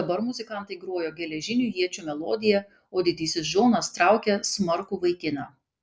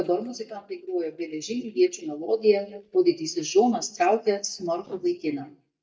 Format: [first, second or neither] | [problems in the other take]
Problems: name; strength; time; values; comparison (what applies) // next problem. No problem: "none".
first | noise reduction (neural mask model DeepFilterNet 3)